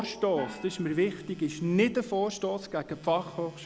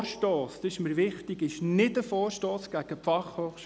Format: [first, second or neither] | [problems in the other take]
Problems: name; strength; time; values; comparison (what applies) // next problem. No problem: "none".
second | background sound (Telephone + Gong); 17 dB below the speech